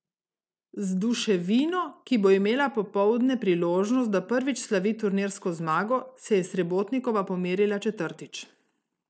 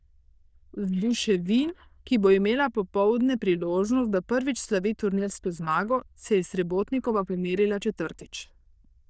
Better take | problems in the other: first | noise reduction (neural diffusion model UNIVERSE++)

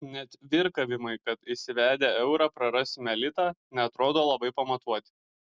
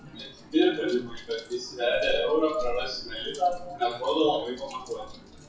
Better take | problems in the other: first | noise reduction (classical method WPE with log-MMSE)

